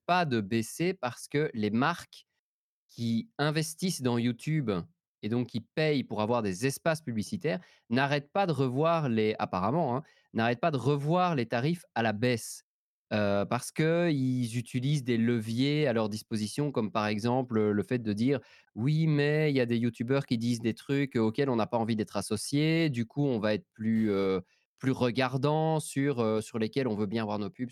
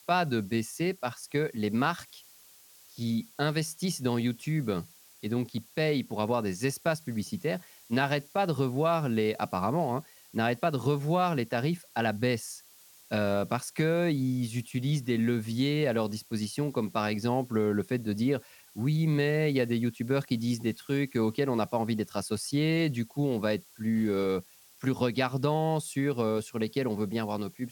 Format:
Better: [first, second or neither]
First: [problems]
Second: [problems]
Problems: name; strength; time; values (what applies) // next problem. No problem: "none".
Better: first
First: none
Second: hiss; faint; throughout; 25 dB below the speech